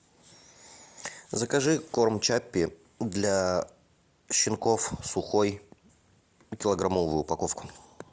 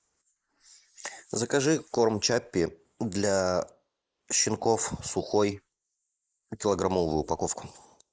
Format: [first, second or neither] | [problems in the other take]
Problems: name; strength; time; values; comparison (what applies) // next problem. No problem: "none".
first | noise reduction (neural mask model Resemble Enhance denoiser)